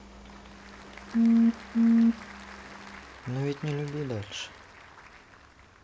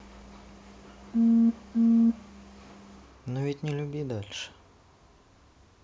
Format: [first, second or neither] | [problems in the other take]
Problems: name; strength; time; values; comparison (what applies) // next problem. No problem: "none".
second | background sound (Applause / Crowd); 20 dB below the speech